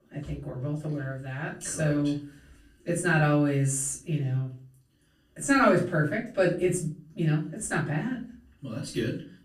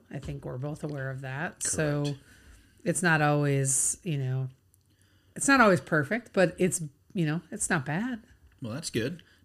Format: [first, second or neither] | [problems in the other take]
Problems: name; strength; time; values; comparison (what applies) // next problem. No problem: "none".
second | room echo; slight; dies away in 0.3 s // off-mic speech; far